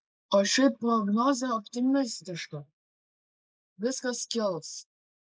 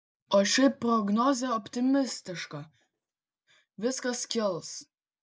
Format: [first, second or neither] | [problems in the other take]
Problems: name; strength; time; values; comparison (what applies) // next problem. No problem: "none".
second | noise reduction (neural mask model Resemble Enhance denoiser)